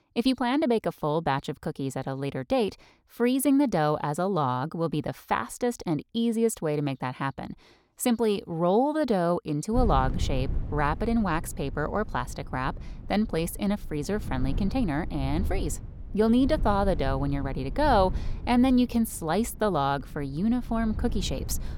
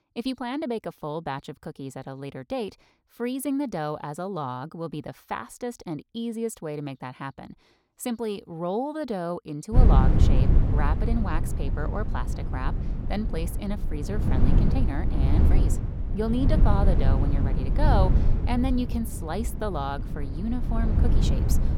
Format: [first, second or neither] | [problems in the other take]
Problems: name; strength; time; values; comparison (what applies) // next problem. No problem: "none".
first | wind noise on the microphone; heavy; from 9.5 s on; 5 dB below the speech; occasional gusts in the first